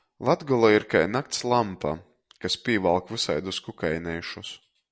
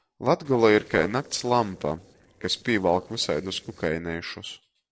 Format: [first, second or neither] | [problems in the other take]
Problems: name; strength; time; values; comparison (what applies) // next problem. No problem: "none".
first | noise reduction (neural separator model SepFormer DNS4)